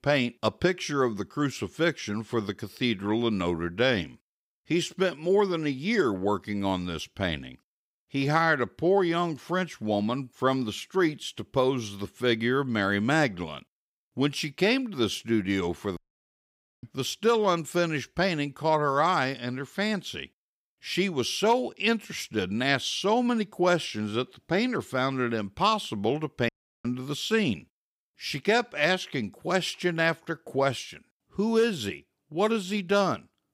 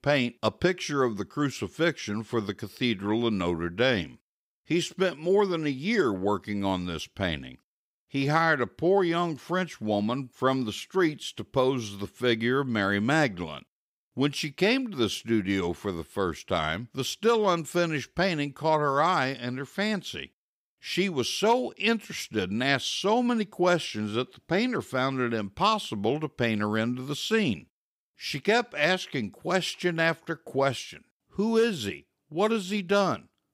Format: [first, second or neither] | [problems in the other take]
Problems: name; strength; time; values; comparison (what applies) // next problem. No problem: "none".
second | audio cutting out; at 16 s for 1 s and at 26 s